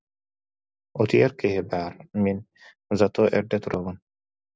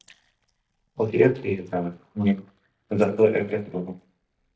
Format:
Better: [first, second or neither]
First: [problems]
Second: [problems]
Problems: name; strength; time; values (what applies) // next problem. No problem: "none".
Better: first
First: none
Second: noise reduction (neural mask model DeepFilterNet 3)